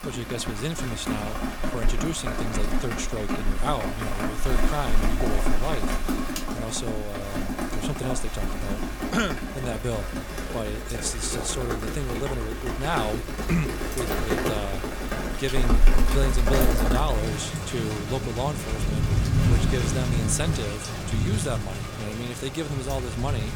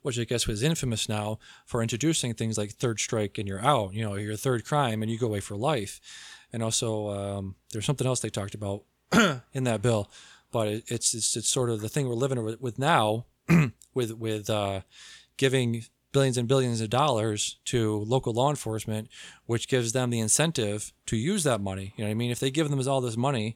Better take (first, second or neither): second